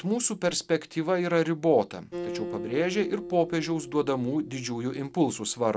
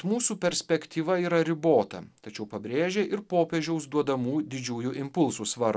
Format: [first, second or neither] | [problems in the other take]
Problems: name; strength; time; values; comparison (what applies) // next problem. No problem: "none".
second | background sound (Acoustic guitar); 13 dB below the speech